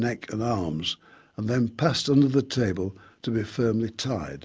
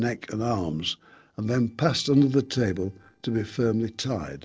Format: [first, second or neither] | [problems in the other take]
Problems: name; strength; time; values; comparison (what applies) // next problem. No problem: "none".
first | noise reduction (neural separator model SepFormer DNS4)